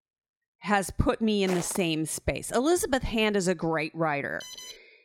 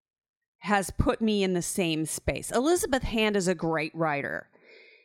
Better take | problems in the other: second | footsteps; noticeable; at 1.5 s; peak 10 dB below the speech // alarm; faint; at 4.5 s; peak 15 dB below the speech

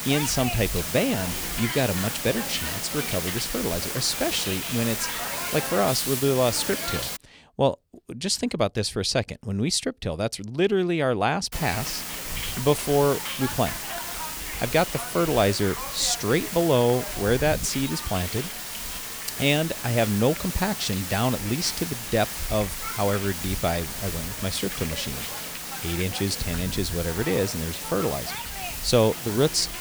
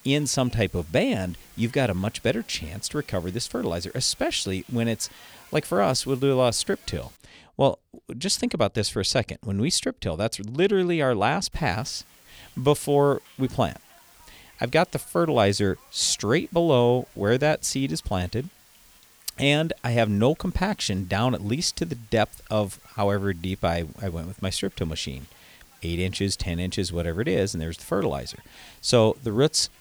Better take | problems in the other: second | hiss; loud; until 7 s and from 12 s on; 4 dB below the speech; faint in the second

